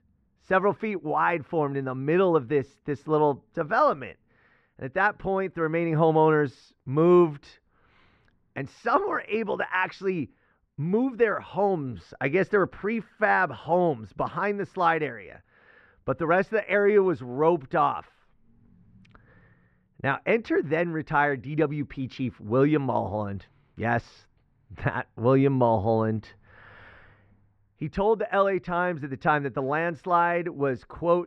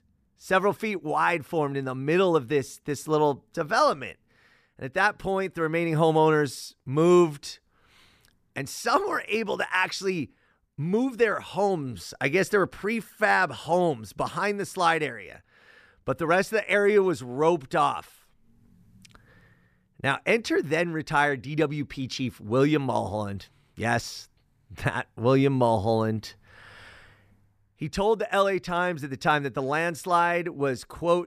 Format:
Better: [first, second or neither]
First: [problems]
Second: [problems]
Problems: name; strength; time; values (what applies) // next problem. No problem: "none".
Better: second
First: muffled; very; fading above 2 kHz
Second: none